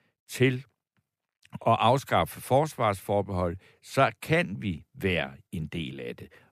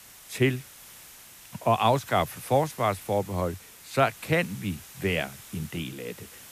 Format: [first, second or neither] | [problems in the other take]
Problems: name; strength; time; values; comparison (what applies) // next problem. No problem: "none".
first | hiss; noticeable; throughout; 20 dB below the speech